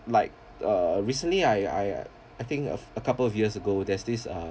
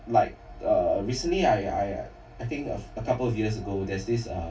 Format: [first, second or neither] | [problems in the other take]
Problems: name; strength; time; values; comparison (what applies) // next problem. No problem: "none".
first | room echo; dies away in 0.2 s